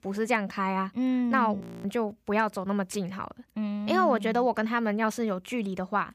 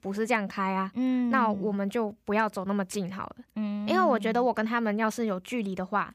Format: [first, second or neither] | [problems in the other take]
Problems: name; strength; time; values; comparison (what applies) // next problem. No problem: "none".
second | audio freezing; at 1.5 s